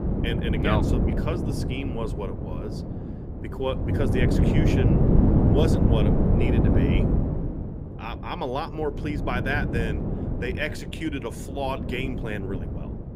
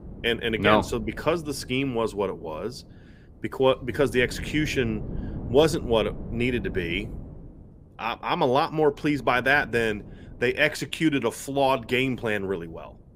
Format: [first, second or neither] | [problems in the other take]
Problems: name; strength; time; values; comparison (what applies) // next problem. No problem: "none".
second | wind noise on the microphone; heavy; 1 dB below the speech; occasional gusts in the second